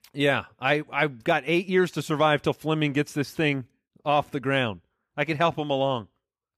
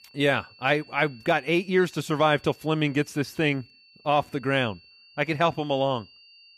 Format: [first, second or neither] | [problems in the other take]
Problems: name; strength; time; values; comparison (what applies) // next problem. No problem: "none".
first | high-pitched whine; faint; throughout; 4.5 kHz, 25 dB below the speech